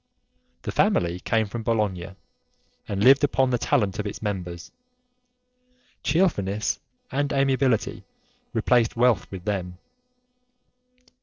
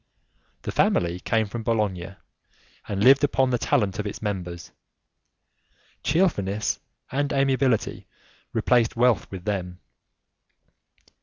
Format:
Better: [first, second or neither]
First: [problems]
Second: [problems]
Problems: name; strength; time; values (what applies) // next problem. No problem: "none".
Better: second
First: noise reduction (neural separator model SepFormer DNS4)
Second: none